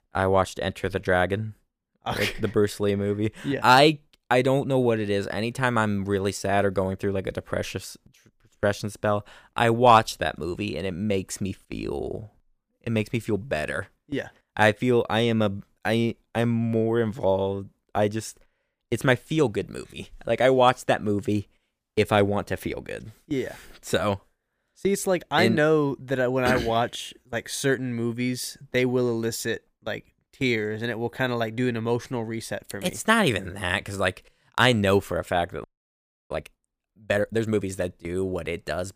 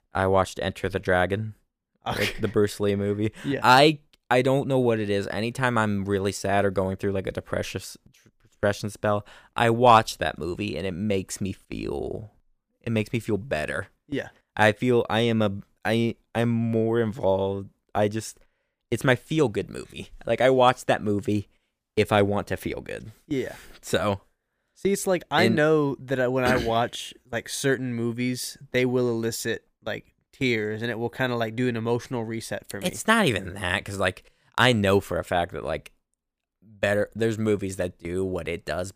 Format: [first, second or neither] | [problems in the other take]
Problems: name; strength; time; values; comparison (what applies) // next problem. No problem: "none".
second | audio freezing; at 36 s for 0.5 s